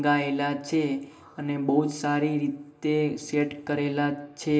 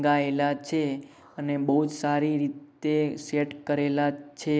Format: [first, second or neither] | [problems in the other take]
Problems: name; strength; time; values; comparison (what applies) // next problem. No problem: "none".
second | room echo; dies away in 0.8 s